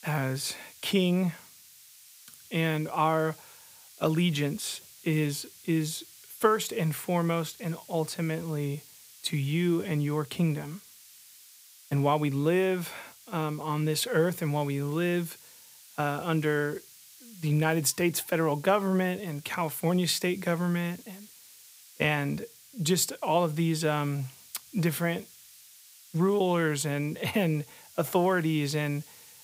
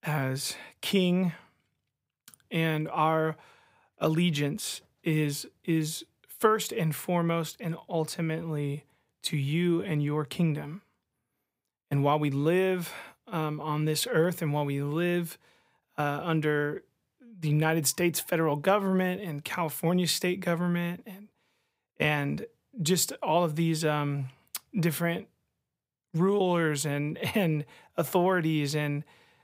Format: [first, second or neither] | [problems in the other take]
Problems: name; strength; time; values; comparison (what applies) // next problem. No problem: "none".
second | hiss; faint; throughout; 20 dB below the speech